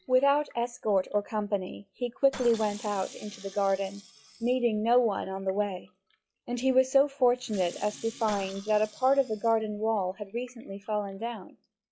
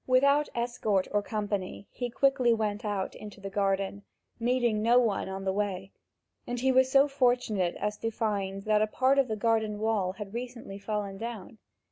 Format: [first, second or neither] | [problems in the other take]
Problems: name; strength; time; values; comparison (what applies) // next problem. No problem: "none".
second | noise reduction (classical method log-MMSE)